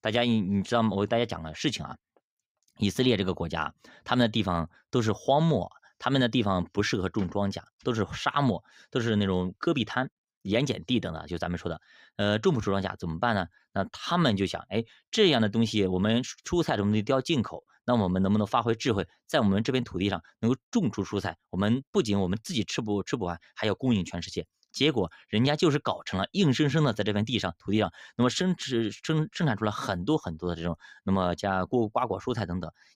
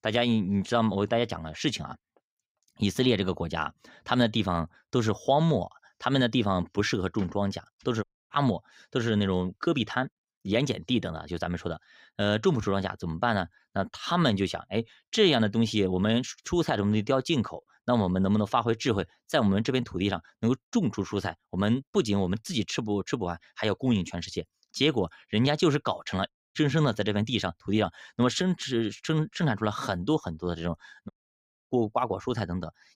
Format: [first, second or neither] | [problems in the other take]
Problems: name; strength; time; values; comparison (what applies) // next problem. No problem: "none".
first | audio cutting out; at 8 s, at 26 s and at 31 s for 0.5 s